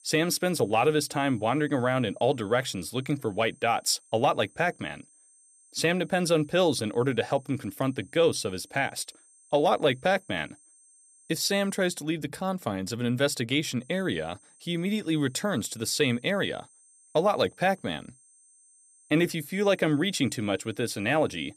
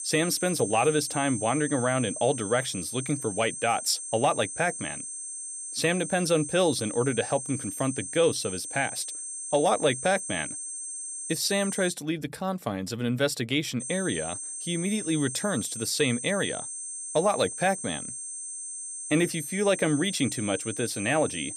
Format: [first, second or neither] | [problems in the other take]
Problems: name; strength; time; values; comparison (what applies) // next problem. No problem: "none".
first | high-pitched whine; loud; until 12 s and from 14 s on; 8.5 kHz, 6 dB below the speech; faint in the first